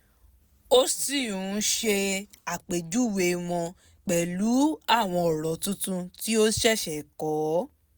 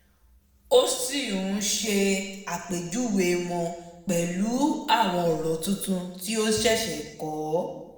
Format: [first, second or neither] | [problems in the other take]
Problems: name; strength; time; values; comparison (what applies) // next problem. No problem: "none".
first | room echo; dies away in 1 s